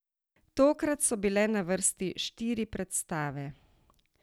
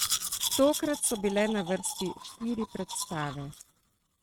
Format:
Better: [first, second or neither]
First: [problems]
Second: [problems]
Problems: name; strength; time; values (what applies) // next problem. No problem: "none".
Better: first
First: none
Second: noise reduction (neural mask model RNNoise)